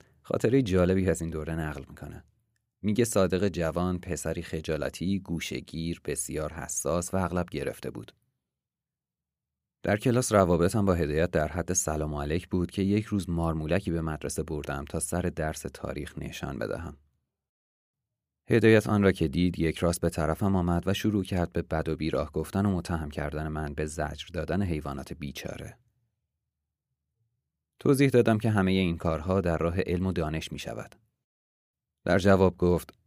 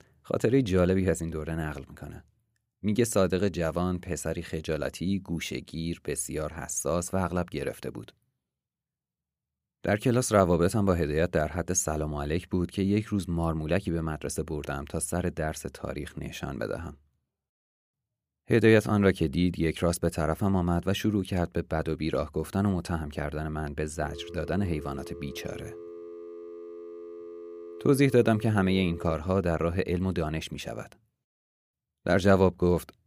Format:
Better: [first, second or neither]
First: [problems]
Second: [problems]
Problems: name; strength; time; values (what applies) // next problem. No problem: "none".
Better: first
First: none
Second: phone ringing; faint; from 24 to 29 s; peak 15 dB below the speech